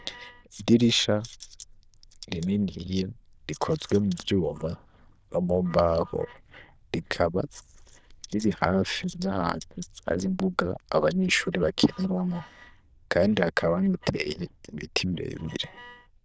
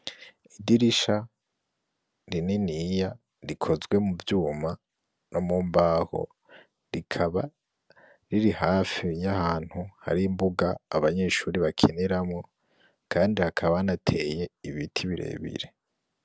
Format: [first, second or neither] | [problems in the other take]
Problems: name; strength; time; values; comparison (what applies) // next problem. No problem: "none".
second | noise reduction (neural diffusion model UNIVERSE++)